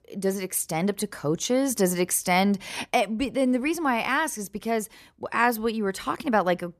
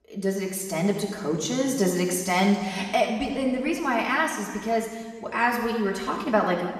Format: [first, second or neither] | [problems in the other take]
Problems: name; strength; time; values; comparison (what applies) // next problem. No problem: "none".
first | room echo; noticeable; dies away in 1.6 s // off-mic speech; far